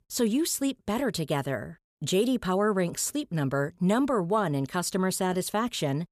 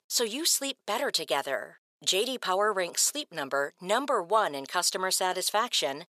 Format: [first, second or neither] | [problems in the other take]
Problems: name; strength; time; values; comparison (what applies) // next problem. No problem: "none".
first | thin; very; fading below 650 Hz